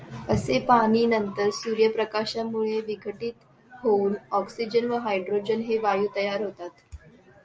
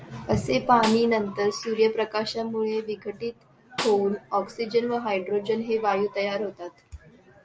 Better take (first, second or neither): first